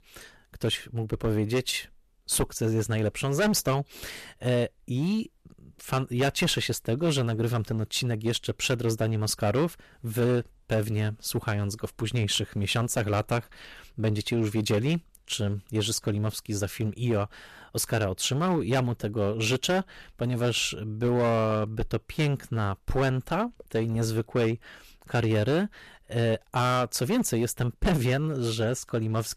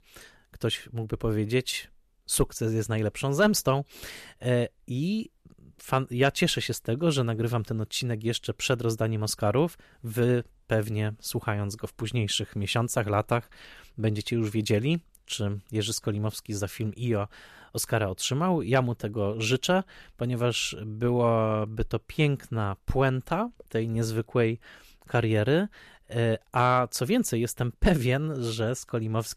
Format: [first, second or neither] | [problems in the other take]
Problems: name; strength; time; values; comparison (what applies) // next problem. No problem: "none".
second | distortion; slight; 9% of the sound clipped